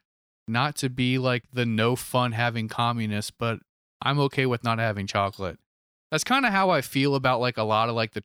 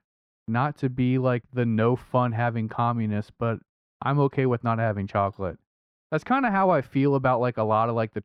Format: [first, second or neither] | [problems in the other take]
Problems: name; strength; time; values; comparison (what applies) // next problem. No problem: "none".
first | muffled; very; fading above 3 kHz